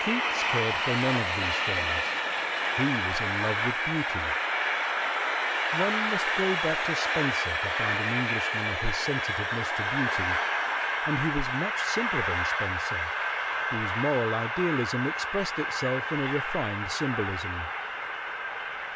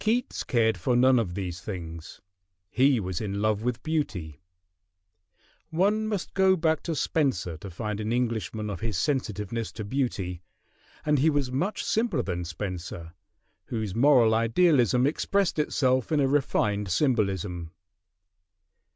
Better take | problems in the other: second | background sound (Train); 4 dB above the speech

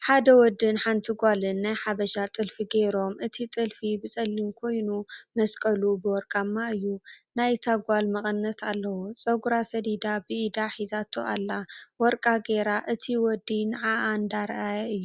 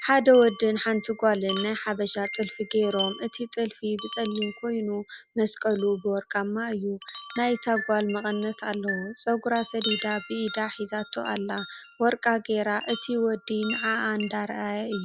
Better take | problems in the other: first | background sound (Wind chime); 13 dB below the speech

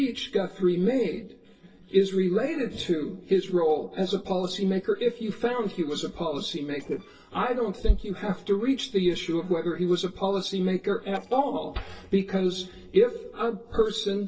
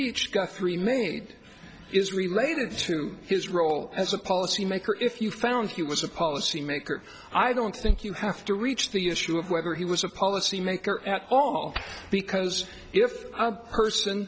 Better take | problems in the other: second | noise reduction (neural separator model SepFormer DNS4)

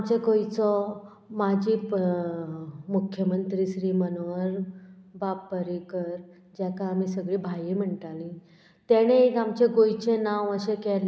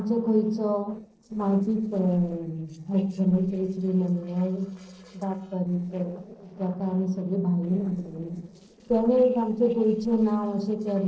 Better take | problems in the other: first | noise reduction (neural separator model SepFormer DNS4)

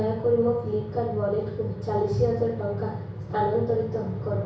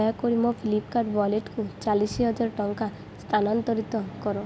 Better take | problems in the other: second | room echo; dies away in 0.6 s

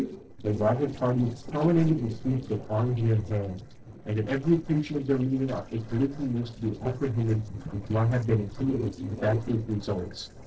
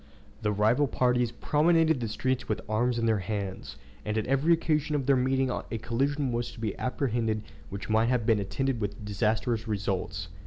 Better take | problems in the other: second | noise reduction (neural separator model SepFormer DNS4)

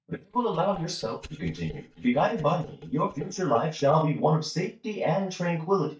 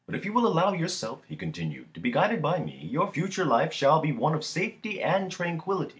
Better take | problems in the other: second | noise reduction (neural mask model DeepFilterNet 3)

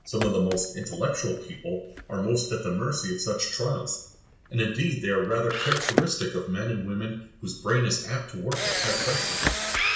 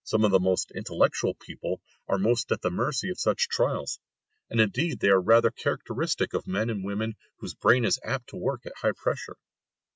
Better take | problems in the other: second | background sound (Camera); 4 dB below the speech // room echo; dies away in 0.5 s

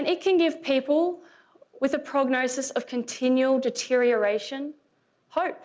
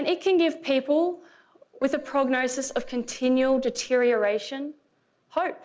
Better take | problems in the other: first | background sound (Keyboard (musical)); 20 dB below the speech

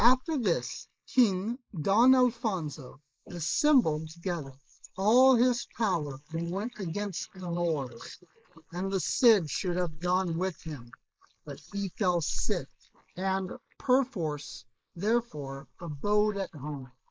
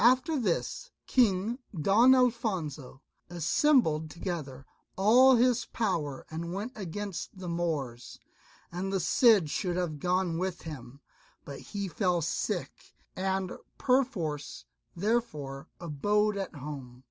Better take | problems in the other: second | noise reduction (neural mask model Resemble Enhance denoiser)

